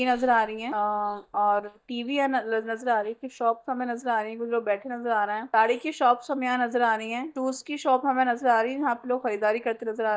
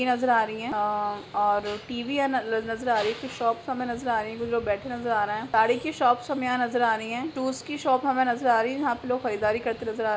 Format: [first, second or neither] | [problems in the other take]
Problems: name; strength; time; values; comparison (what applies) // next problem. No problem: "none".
second | noise reduction (neural mask model DeepFilterNet 3)